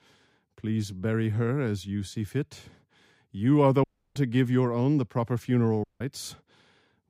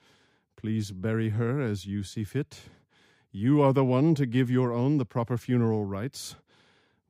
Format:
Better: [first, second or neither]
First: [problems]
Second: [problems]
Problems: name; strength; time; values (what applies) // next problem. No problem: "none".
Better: second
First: audio cutting out; at 4 s and at 6 s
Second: none